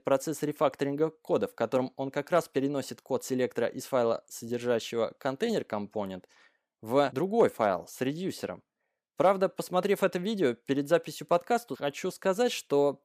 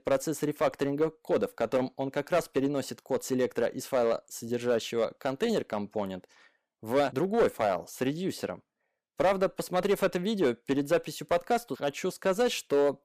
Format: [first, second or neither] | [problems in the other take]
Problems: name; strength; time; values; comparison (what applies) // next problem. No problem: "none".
first | distortion; slight; 3% of the sound clipped